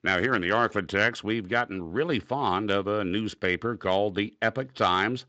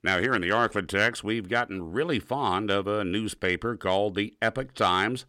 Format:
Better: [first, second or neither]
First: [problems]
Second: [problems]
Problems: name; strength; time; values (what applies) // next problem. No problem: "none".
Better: second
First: garbled, watery; slightly; nothing above 7.5 kHz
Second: none